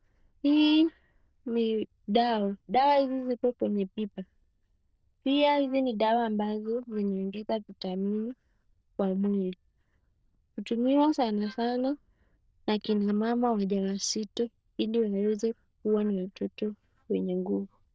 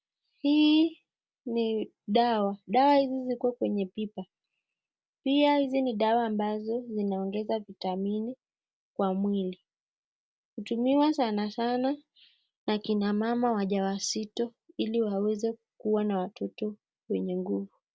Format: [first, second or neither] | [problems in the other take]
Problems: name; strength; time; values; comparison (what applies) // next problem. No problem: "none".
second | noise reduction (neural diffusion model UNIVERSE++)